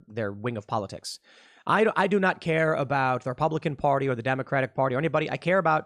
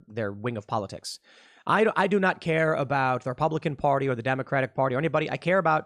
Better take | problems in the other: neither | none

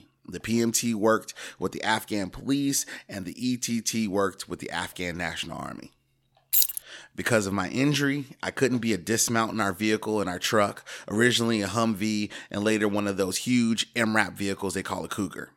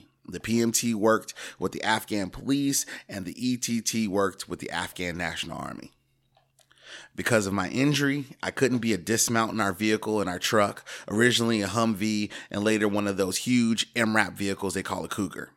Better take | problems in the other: second | jangling keys; loud; at 6.5 s; peak 5 dB above the speech

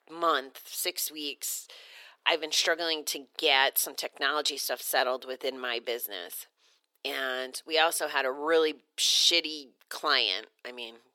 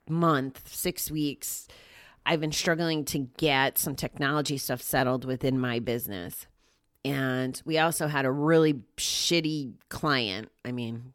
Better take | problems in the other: second | thin; very; fading below 450 Hz

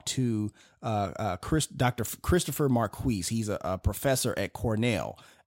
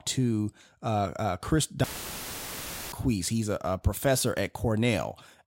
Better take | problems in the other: first | audio cutting out; filled with static; at 2 s for 1 s

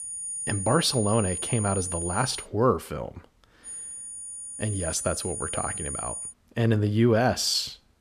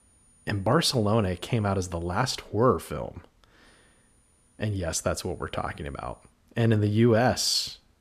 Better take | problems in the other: second | high-pitched whine; loud; until 2.5 s and from 3.5 to 6.5 s; 9.5 kHz, 5 dB below the speech; faint in the second

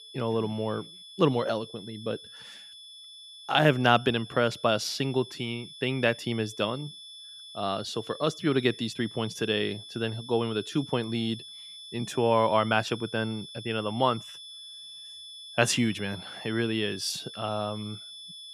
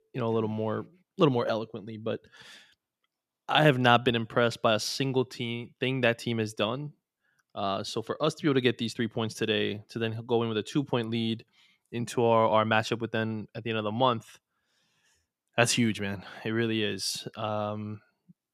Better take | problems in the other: second | high-pitched whine; noticeable; throughout; 3.5 kHz, 15 dB below the speech

